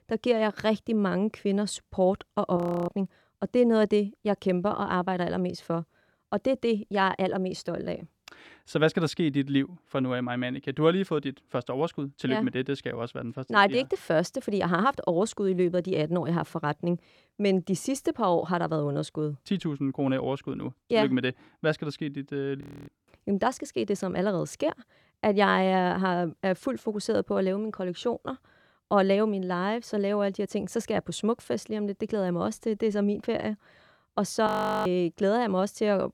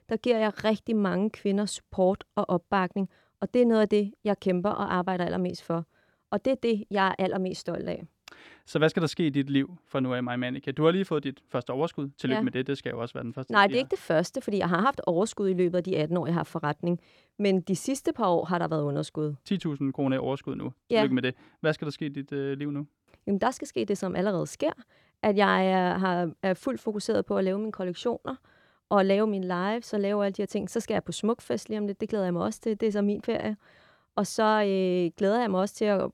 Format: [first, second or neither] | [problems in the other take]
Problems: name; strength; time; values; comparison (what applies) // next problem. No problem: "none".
second | audio freezing; at 2.5 s, at 23 s and at 34 s